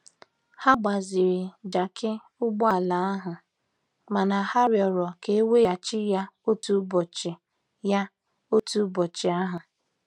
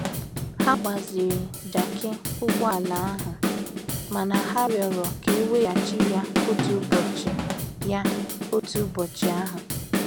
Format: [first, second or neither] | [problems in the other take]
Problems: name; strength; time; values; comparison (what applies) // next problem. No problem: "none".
first | background sound (Drum / Drum kit); as loud as the speech